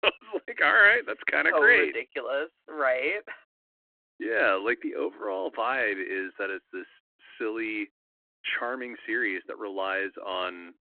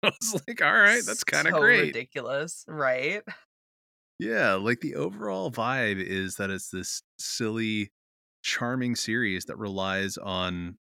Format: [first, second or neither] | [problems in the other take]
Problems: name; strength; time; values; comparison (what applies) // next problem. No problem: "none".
second | phone-call audio